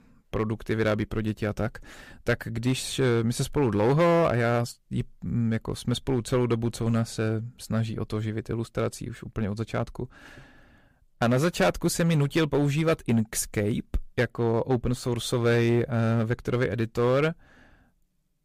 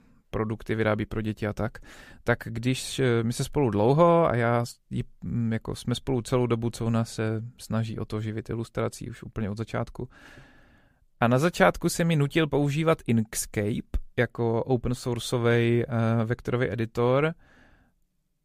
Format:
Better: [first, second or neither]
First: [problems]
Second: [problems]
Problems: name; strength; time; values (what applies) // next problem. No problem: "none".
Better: second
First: distortion; slight; 4% of the sound clipped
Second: none